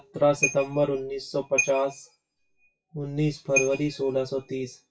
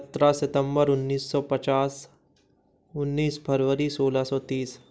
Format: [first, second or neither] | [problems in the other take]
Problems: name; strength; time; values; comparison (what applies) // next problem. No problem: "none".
second | noise reduction (classical method WPE with log-MMSE)